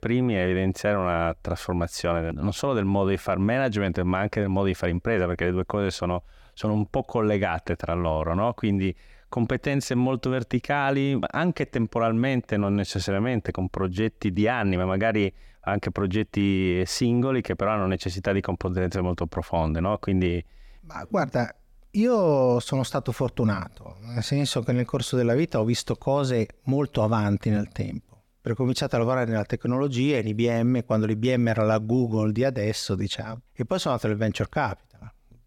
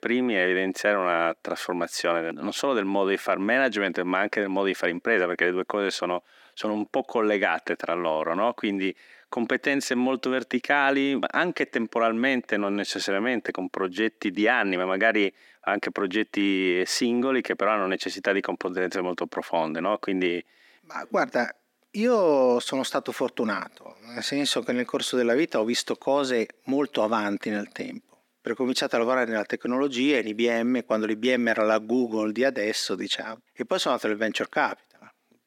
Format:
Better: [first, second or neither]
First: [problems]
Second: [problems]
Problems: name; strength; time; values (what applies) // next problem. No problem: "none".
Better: first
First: none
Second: thin; very slightly; fading below 250 Hz